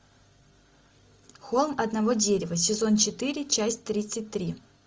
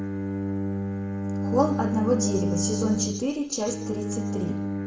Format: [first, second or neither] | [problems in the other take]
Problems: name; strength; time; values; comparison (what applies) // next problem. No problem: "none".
first | background sound (Bowed string instrument); as loud as the speech // room echo; dies away in 0.7 s